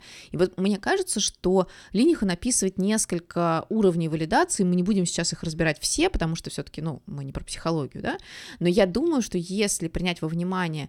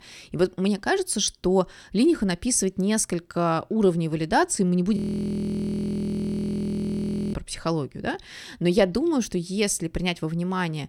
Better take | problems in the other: first | audio freezing; at 5 s for 2.5 s

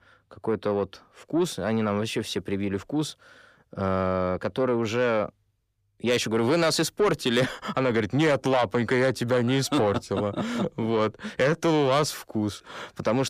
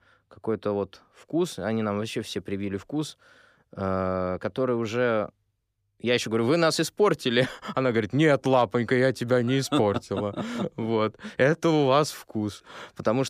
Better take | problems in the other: second | distortion; slight; 10 dB below the speech

